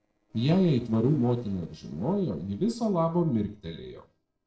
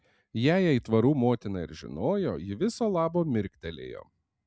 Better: second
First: noise reduction (neural separator model SepFormer DNS4)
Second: none

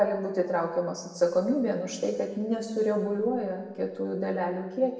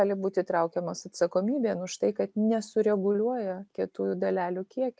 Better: second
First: room echo; dies away in 1.2 s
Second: none

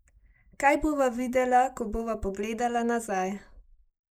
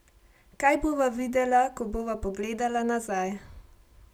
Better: second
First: noise reduction (neural mask model Resemble Enhance denoiser)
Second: none

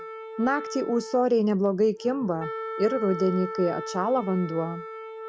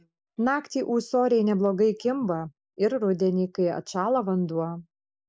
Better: second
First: background sound (Wind instrument, woodwind instrument); 10 dB below the speech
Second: none

